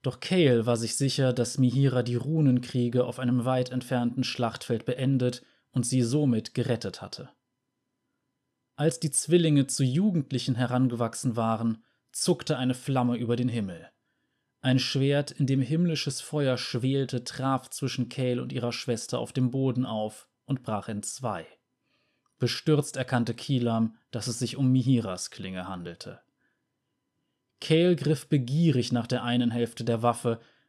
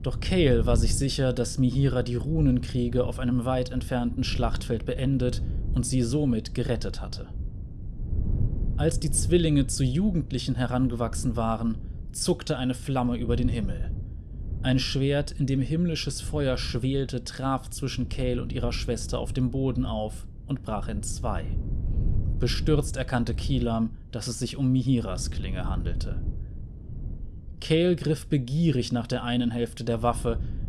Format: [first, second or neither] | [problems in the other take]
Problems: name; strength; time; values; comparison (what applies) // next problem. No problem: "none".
first | wind noise on the microphone; occasional gusts; 20 dB below the speech